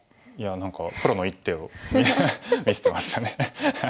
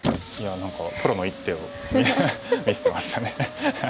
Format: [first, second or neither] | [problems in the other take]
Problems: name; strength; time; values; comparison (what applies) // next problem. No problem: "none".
first | background sound (Squeak); 9 dB below the speech